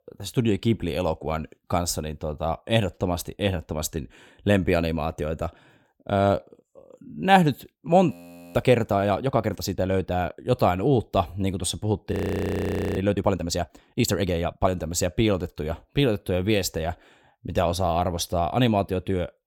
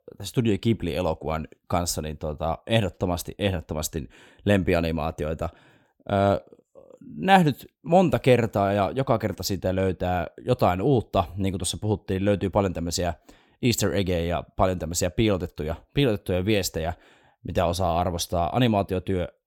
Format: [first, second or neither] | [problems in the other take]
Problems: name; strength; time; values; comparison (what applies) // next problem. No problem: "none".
second | audio freezing; at 8 s and at 12 s for 1 s